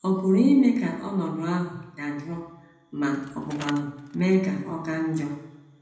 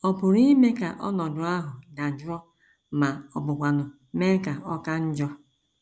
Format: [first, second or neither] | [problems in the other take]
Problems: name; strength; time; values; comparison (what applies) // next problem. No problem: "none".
second | background sound (Bicycle); 20 dB below the speech // room echo; dies away in 0.8 s